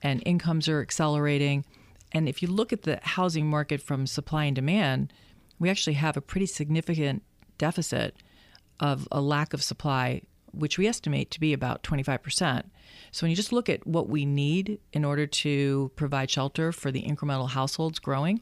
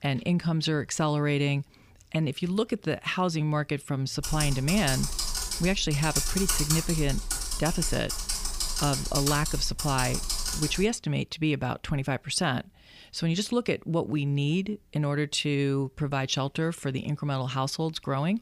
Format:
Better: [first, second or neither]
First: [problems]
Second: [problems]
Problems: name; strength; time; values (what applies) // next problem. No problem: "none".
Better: first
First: none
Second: keyboard typing; loud; from 4 to 11 s; peak 3 dB above the speech